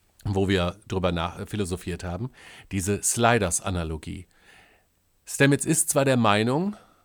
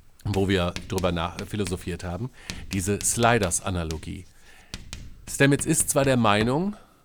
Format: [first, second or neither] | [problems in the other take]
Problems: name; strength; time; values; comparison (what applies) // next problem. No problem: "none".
first | household noises; noticeable; throughout; 15 dB below the speech